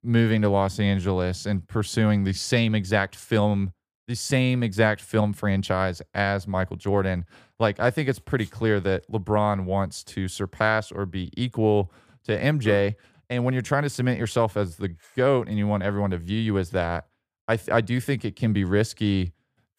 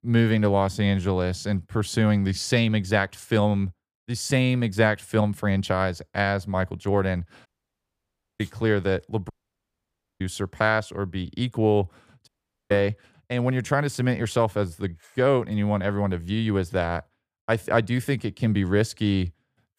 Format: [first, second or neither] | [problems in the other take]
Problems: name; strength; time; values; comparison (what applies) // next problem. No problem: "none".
first | audio cutting out; at 7.5 s for 1 s, at 9.5 s for 1 s and at 12 s